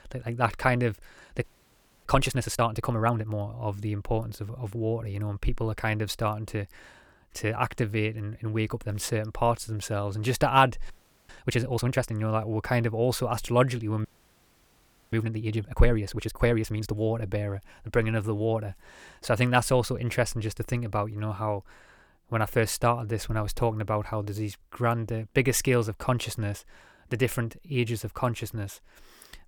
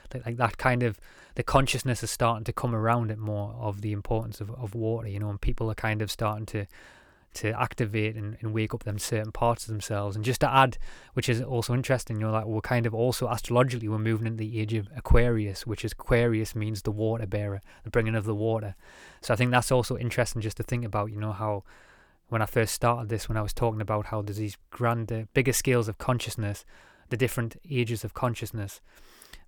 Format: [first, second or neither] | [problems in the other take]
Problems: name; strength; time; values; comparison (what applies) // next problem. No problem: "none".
second | audio freezing; at 1.5 s for 0.5 s, at 11 s and at 14 s for 1 s